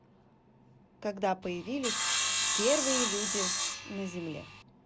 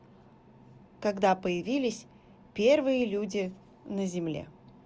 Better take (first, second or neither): second